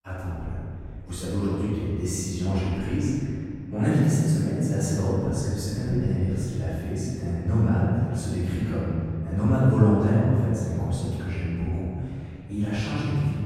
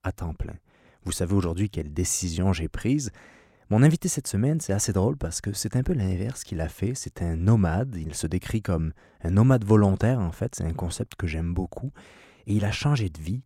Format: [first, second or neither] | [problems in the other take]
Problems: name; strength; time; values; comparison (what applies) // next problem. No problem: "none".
second | off-mic speech; far // room echo; strong; dies away in 2.3 s